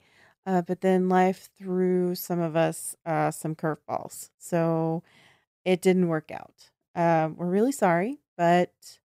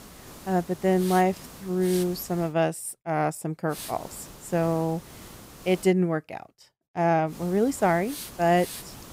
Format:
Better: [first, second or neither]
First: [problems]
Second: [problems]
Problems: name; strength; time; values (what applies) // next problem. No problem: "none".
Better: first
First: none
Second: hiss; noticeable; until 2.5 s, from 3.5 to 6 s and from 7.5 s on; 15 dB below the speech